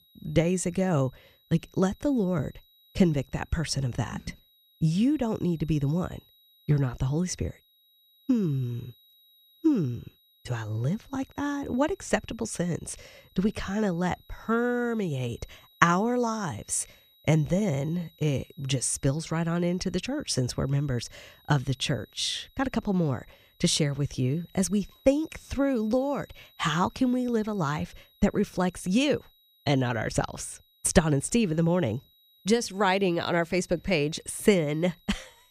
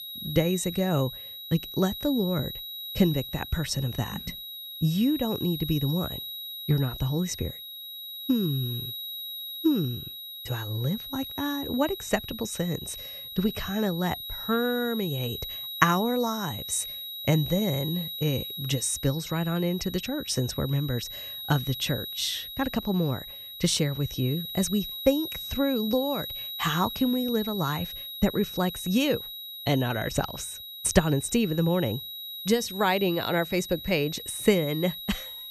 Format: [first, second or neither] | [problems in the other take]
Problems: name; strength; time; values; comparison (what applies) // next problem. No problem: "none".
first | high-pitched whine; loud; throughout; 4 kHz, 7 dB below the speech; faint in the first